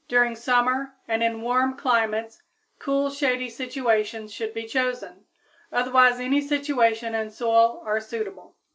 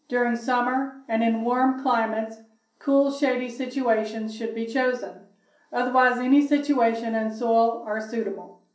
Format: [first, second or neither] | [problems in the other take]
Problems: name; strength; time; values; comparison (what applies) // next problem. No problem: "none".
first | room echo; dies away in 0.6 s